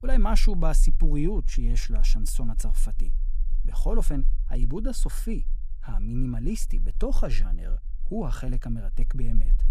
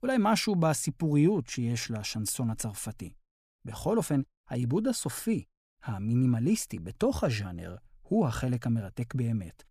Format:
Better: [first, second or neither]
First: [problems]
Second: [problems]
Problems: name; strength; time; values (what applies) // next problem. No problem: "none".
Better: second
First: low rumble; faint; throughout; 25 dB below the speech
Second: none